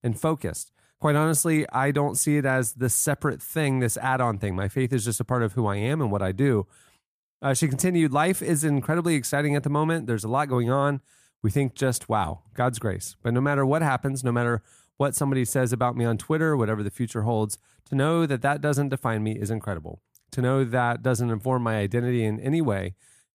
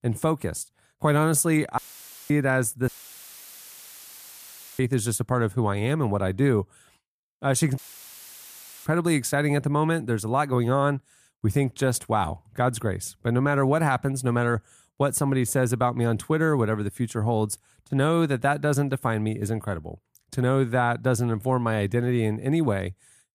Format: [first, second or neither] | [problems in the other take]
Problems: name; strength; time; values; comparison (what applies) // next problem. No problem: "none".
first | audio cutting out; filled with static; at 2 s for 0.5 s, at 3 s for 2 s and at 8 s for 1 s